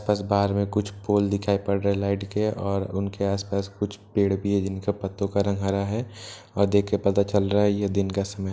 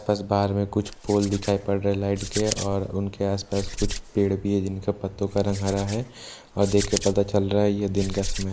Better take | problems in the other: first | noise reduction (neural mask model Resemble Enhance denoiser)

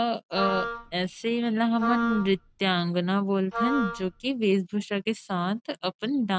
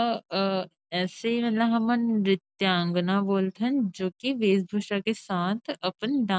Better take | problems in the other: second | background sound (Wind instrument, woodwind instrument); 6 dB below the speech

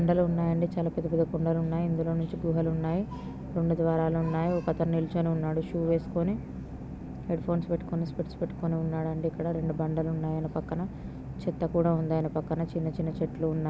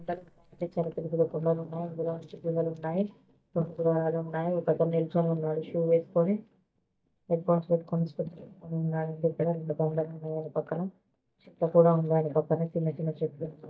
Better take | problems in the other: first | noise reduction (neural mask model DeepFilterNet 3)

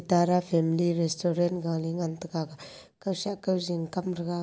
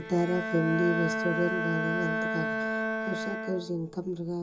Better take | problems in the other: first | background sound (Bowed string instrument); 1 dB below the speech // room echo; dies away in 0.2 s

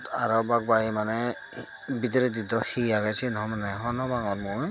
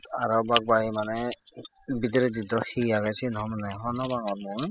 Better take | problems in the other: first | noise reduction (classical method spectral subtraction)

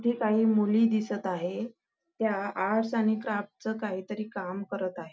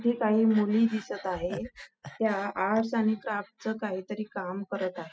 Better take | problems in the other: first | noise reduction (classical method spectral subtraction)

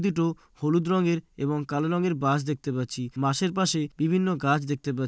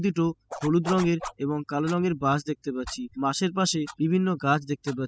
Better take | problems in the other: first | noise reduction (classical method spectral subtraction)

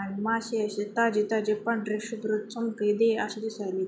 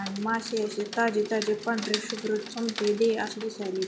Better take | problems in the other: first | background sound (Rain); 11 dB below the speech

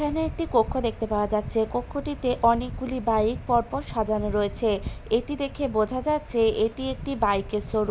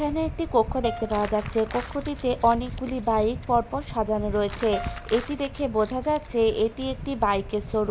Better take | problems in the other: first | background sound (Piano + Crumpling, crinkling); 16 dB below the speech

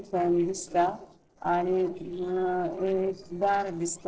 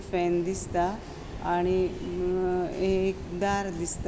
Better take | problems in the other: second | noise reduction (neural separator model SepFormer DNS4)

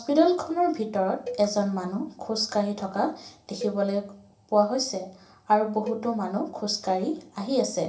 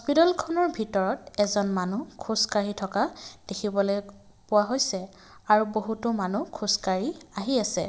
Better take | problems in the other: second | background sound (Cowbell); 17 dB below the speech // room echo; dies away in 0.3 s

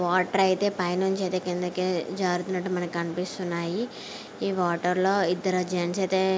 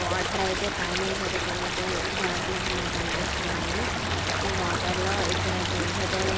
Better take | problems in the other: first | background sound (Stream); 5 dB above the speech

